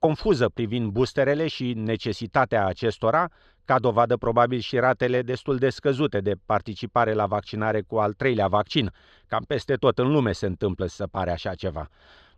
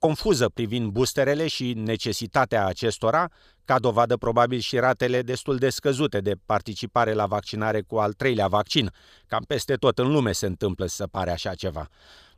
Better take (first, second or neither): second